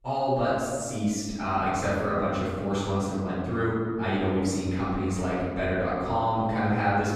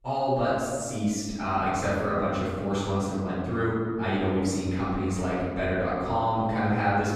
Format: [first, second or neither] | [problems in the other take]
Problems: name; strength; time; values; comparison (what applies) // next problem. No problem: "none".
neither | room echo; strong; dies away in 1.6 s; the same in both // off-mic speech; far; the same in both